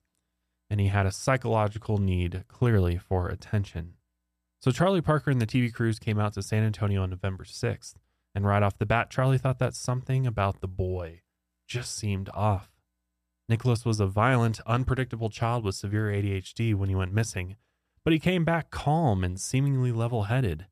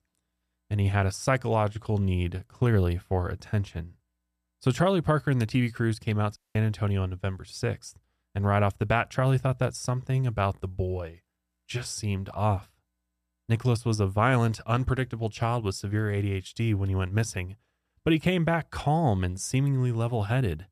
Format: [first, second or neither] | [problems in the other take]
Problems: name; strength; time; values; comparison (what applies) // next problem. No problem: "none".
first | audio cutting out; at 6.5 s